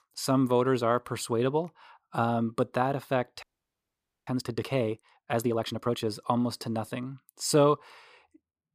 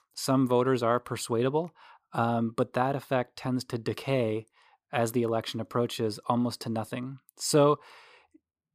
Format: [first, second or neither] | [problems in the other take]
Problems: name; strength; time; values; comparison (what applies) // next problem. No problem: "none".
second | audio freezing; at 3.5 s for 1 s